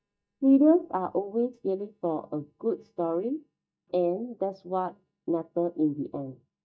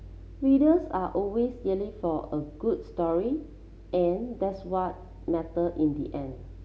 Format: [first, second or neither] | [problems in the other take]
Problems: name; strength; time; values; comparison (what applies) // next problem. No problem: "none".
second | noise reduction (neural mask model DeepFilterNet 3)